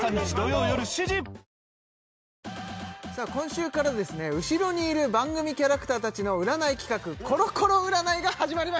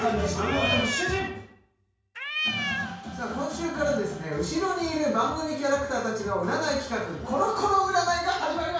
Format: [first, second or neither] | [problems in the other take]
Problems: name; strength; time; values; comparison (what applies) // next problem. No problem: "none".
first | background sound (Cat); 3 dB below the speech // room echo; dies away in 0.5 s